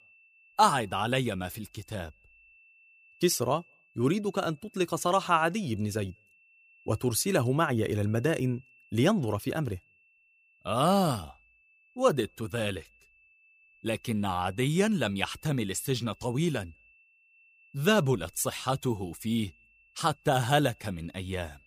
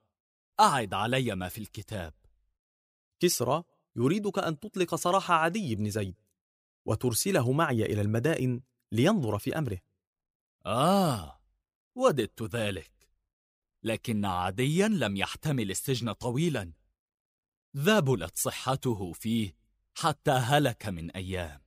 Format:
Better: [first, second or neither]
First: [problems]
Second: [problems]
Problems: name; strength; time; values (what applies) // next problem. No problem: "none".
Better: second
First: high-pitched whine; faint; throughout; 2.5 kHz, 30 dB below the speech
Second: none